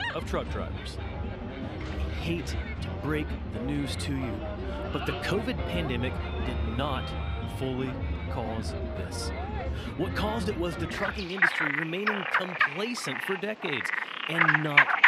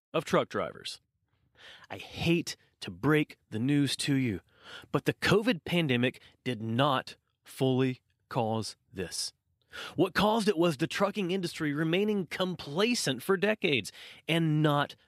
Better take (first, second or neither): second